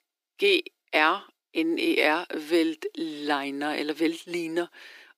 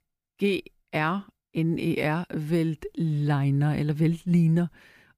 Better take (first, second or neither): second